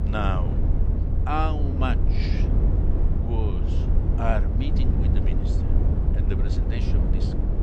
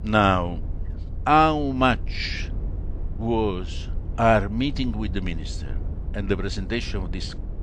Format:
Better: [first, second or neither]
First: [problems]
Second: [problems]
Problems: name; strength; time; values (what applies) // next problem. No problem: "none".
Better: second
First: low rumble; loud; throughout; 5 dB below the speech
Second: low rumble; faint; throughout; 25 dB below the speech